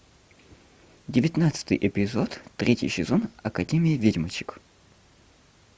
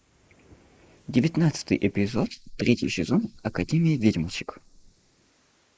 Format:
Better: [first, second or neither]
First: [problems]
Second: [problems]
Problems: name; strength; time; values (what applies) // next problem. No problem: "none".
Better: first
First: none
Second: noise reduction (neural mask model Resemble Enhance denoiser)